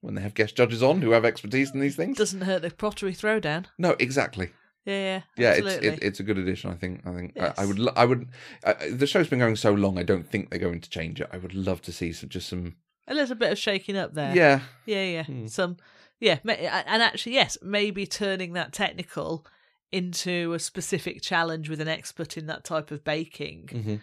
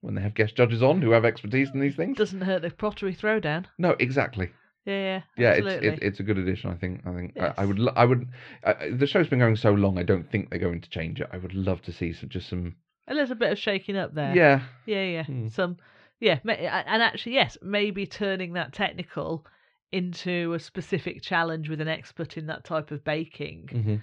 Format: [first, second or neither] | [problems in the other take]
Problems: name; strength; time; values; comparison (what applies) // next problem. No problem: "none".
first | muffled; slightly; fading above 3.5 kHz